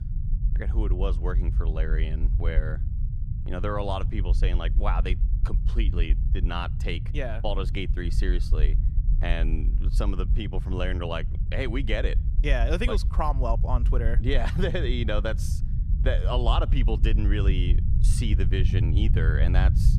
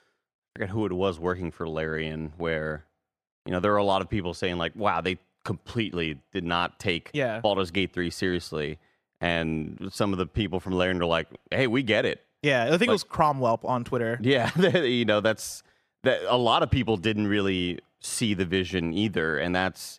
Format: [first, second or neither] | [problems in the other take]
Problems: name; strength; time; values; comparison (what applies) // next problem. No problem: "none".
second | low rumble; noticeable; throughout; 10 dB below the speech